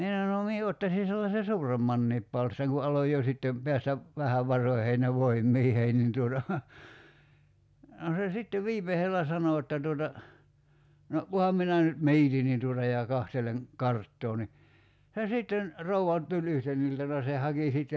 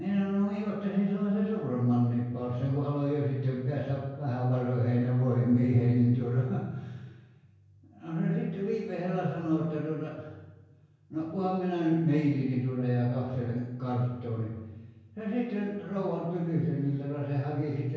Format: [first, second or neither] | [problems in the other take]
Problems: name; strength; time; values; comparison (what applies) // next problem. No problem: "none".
first | room echo; dies away in 1 s